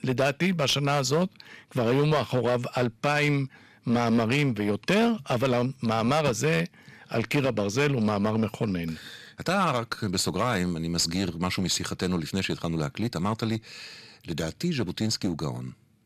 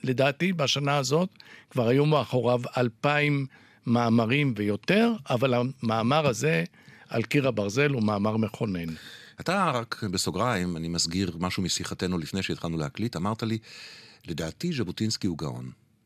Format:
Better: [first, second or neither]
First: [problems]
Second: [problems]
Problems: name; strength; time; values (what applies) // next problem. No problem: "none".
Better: second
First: distortion; slight; 7% of the sound clipped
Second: none